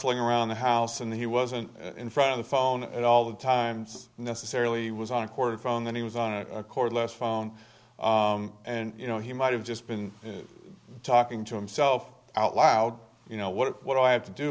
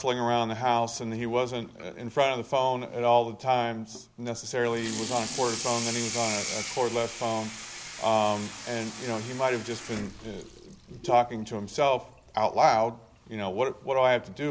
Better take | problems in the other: first | background sound (Sink (filling or washing) / Water tap, faucet); 12 dB below the speech

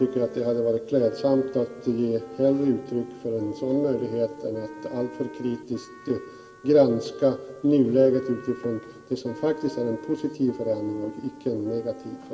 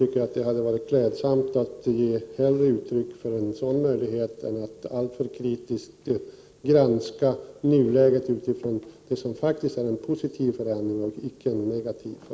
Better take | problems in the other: second | background sound (Wind instrument, woodwind instrument); 19 dB below the speech // room echo; dies away in 1.8 s

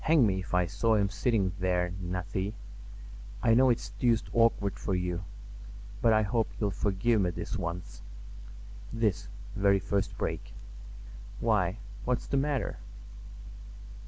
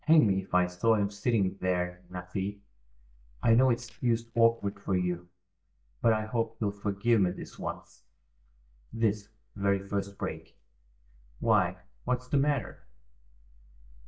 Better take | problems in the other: first | noise reduction (neural mask model DeepFilterNet 3)

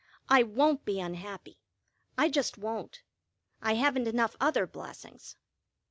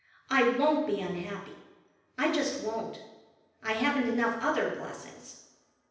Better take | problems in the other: first | room echo; dies away in 0.9 s

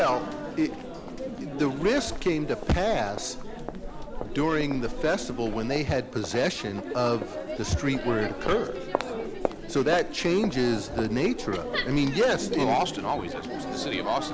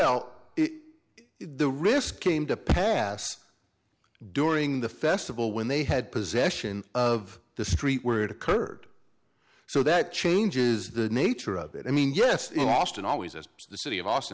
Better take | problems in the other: second | background sound (Crowd); 6 dB below the speech

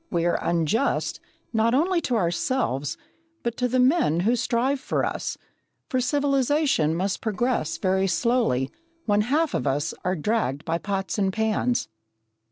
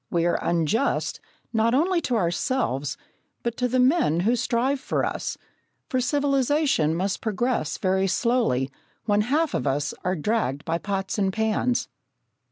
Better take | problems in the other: second | noise reduction (neural separator model SepFormer DNS4)

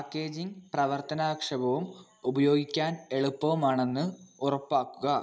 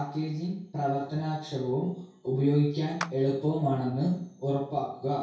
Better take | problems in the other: first | background sound (Clapping); 14 dB below the speech // room echo; dies away in 0.6 s

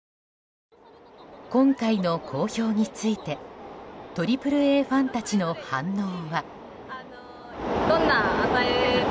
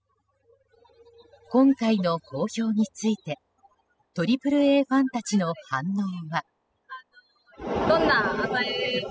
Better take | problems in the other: first | noise reduction (classical method spectral subtraction)

